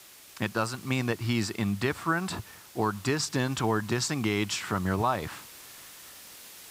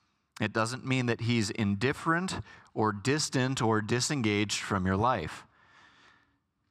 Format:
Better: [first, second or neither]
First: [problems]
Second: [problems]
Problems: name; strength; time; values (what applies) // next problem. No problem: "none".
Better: second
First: hiss; noticeable; throughout; 20 dB below the speech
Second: none